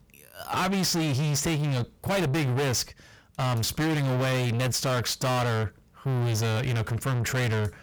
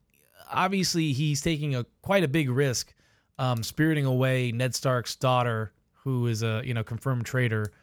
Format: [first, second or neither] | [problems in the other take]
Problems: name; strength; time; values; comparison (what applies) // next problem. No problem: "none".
second | distortion; heavy; 6 dB below the speech